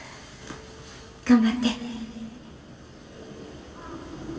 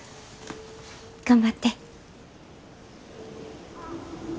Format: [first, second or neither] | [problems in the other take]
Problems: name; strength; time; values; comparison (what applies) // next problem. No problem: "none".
second | room echo; dies away in 2.2 s